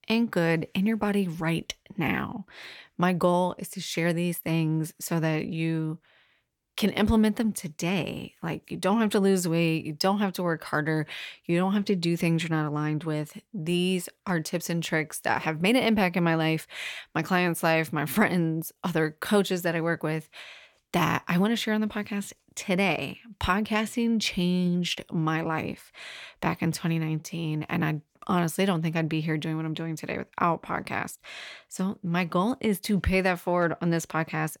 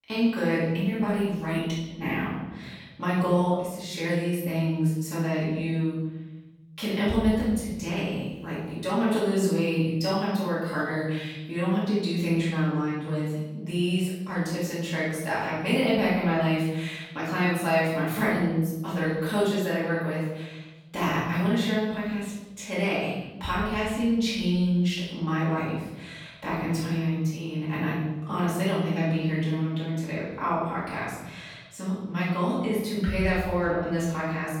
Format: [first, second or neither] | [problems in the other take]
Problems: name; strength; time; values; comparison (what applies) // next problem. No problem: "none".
first | off-mic speech; far // room echo; strong; dies away in 1.1 s